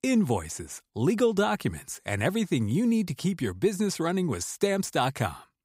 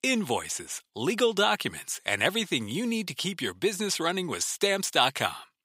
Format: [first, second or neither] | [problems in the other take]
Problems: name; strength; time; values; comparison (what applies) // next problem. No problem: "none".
first | thin; somewhat; fading below 600 Hz